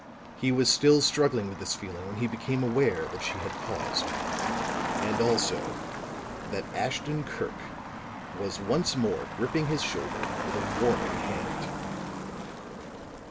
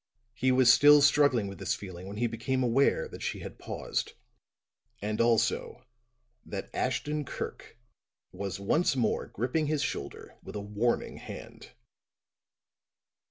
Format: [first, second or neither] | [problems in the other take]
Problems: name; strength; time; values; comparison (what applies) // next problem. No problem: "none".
second | background sound (Motor vehicle (road)); 5 dB below the speech